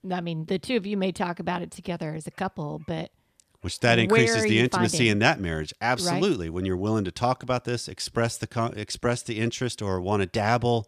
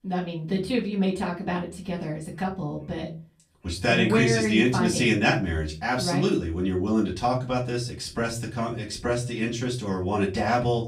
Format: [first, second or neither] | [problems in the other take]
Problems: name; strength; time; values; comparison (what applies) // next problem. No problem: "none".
first | off-mic speech; far // room echo; very slight; dies away in 0.3 s